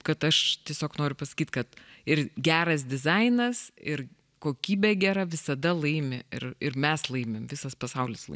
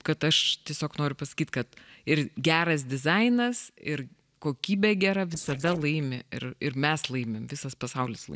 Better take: first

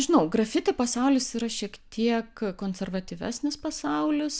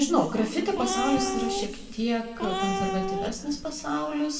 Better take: first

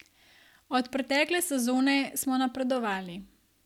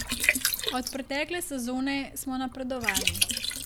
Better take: first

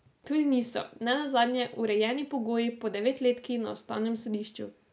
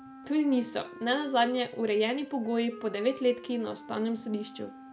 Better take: first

